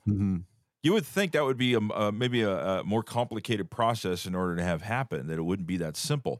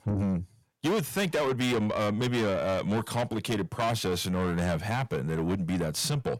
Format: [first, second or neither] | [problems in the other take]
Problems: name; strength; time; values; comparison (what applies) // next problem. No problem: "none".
first | distortion; heavy; 7 dB below the speech